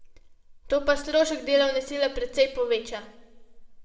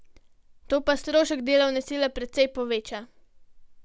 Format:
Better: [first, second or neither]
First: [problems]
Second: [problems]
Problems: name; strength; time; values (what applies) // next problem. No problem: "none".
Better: second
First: room echo; dies away in 0.6 s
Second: none